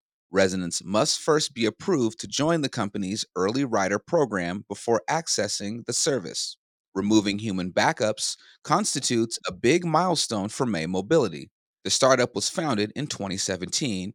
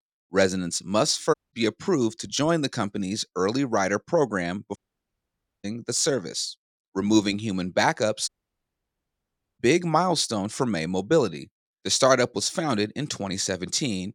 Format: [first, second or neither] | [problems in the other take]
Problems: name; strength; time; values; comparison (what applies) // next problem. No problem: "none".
first | audio cutting out; at 1.5 s, at 5 s for 1 s and at 8.5 s for 1.5 s